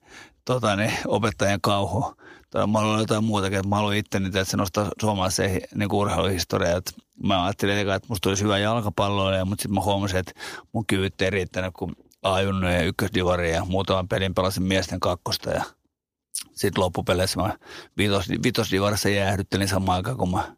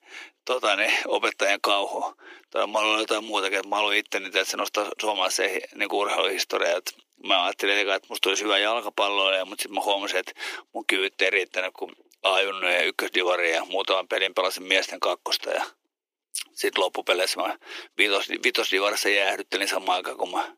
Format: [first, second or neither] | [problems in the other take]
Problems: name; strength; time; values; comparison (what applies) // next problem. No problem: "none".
first | thin; very; fading below 350 Hz